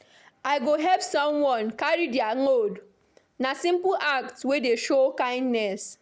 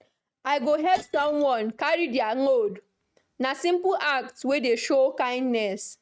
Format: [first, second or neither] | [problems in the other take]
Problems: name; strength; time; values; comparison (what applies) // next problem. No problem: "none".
first | noise reduction (neural mask model RNNoise)